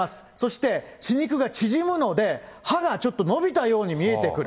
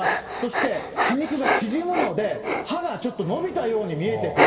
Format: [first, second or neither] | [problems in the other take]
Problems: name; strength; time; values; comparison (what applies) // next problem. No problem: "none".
first | background sound (Dog); as loud as the speech // room echo; dies away in 2 s